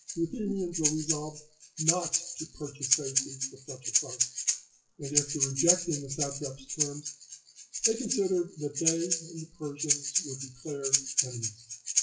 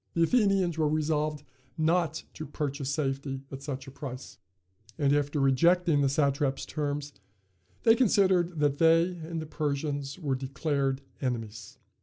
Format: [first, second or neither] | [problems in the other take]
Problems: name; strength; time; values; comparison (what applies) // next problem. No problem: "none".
second | noise reduction (classical method WPE with log-MMSE)